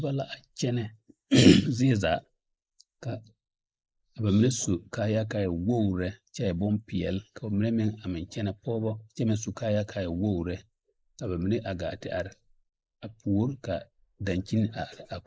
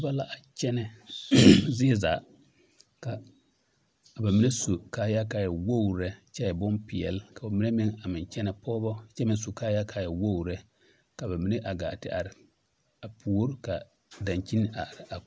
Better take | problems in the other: second | noise reduction (neural mask model Resemble Enhance denoiser)

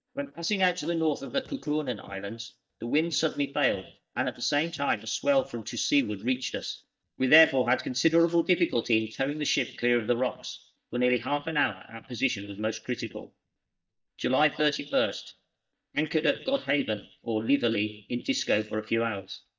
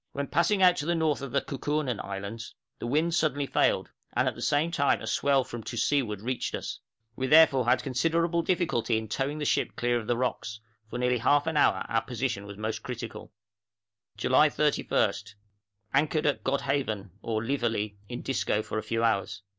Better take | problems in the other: second | noise reduction (neural mask model DeepFilterNet 3)

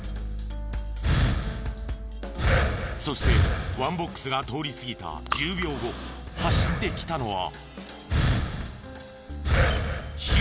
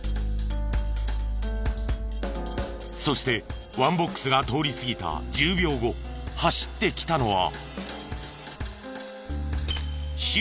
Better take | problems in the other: second | background sound (Breathing); 4 dB above the speech

